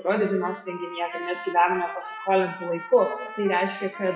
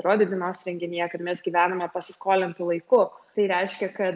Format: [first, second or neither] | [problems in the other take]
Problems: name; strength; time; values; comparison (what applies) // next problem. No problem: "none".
second | noise reduction (classical method WPE with log-MMSE)